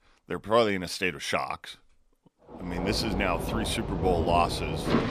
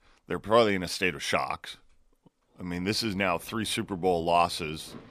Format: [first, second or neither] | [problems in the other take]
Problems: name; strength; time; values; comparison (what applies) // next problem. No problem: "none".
second | rain or running water; loud; from 2.5 s on; 3 dB below the speech; faint in the second